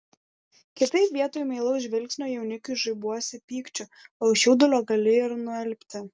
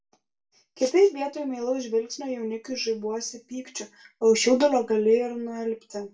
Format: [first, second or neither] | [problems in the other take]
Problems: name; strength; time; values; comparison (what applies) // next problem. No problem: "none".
first | room echo; dies away in 0.2 s